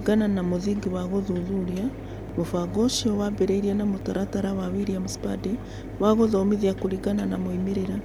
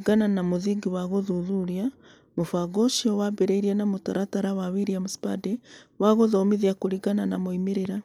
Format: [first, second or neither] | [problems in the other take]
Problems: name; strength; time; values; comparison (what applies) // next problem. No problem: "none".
second | background sound (Mechanisms); 10 dB below the speech